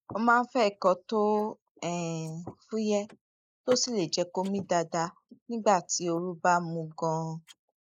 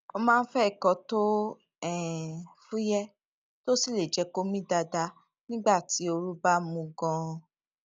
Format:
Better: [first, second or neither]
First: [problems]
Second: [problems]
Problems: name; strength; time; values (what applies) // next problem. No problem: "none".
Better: second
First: noise reduction (neural mask model Resemble Enhance denoiser)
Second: none